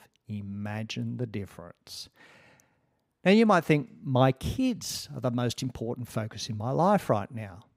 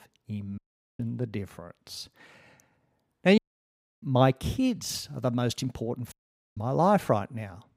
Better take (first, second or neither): first